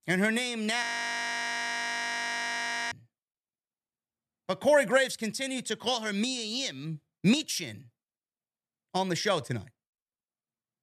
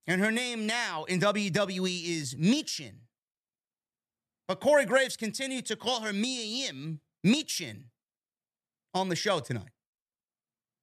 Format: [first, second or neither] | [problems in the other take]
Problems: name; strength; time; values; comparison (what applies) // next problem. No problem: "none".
second | audio freezing; at 1 s for 2 s